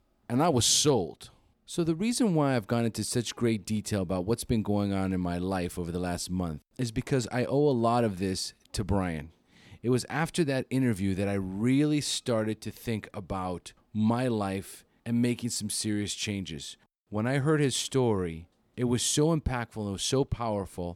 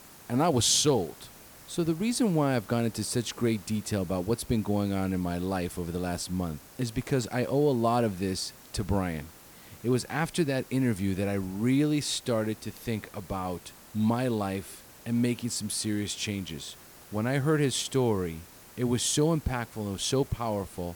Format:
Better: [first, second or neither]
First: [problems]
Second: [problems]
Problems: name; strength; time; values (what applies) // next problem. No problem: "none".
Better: first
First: none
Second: hiss; faint; throughout; 20 dB below the speech